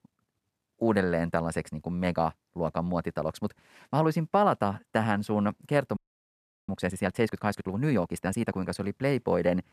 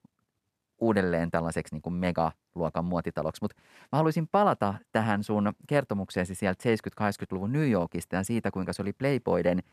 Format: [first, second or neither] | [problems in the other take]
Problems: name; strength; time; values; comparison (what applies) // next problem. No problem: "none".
second | audio freezing; at 6 s for 0.5 s